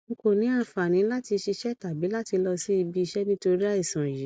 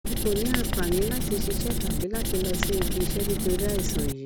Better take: first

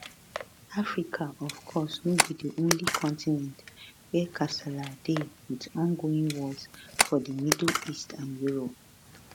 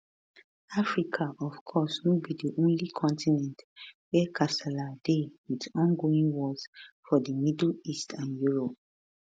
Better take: second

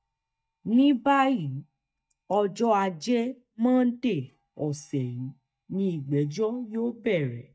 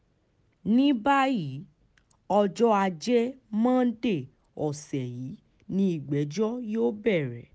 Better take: second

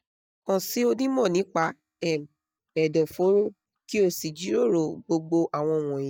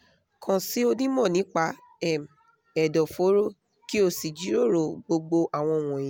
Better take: second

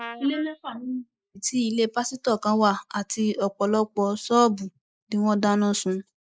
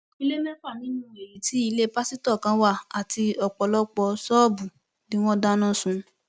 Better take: second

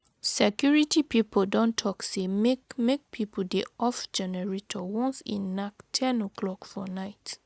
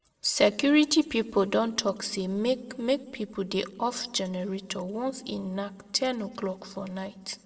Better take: first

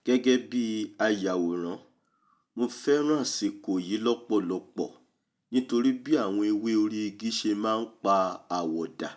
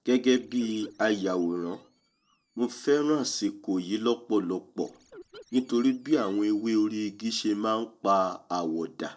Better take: first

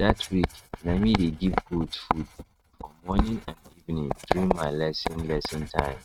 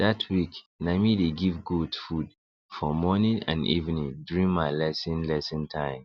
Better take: second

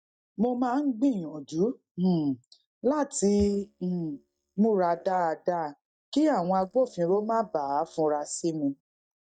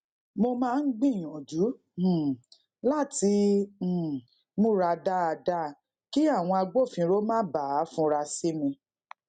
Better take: second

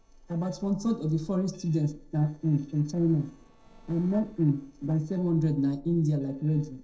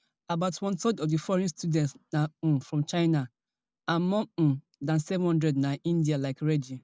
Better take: second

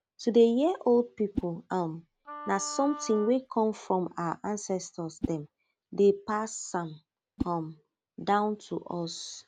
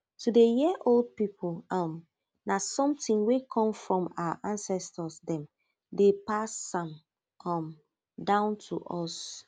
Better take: second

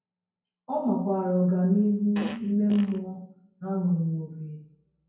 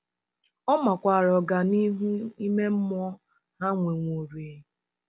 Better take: second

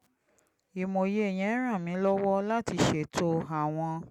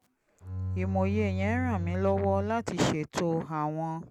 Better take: first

